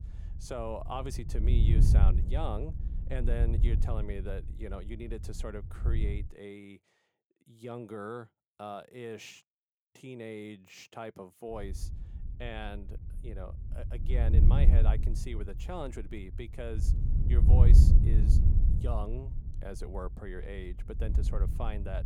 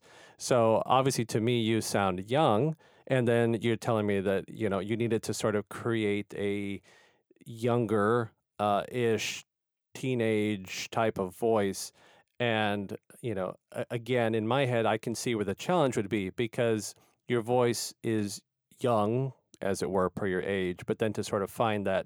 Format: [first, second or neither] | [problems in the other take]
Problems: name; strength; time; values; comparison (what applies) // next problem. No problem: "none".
second | wind noise on the microphone; heavy; until 6.5 s and from 12 s on; 2 dB below the speech